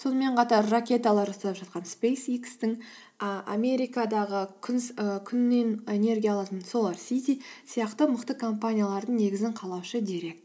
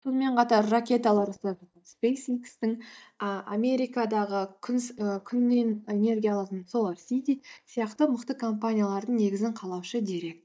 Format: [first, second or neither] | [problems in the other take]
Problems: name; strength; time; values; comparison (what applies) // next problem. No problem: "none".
first | noise reduction (neural mask model DeepFilterNet 3)